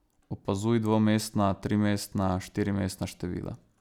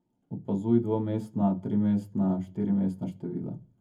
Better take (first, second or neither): first